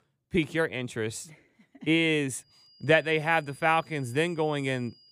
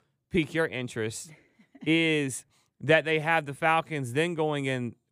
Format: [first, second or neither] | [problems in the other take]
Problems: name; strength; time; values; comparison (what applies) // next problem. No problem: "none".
second | high-pitched whine; faint; from 2.5 s on; 5 kHz, 30 dB below the speech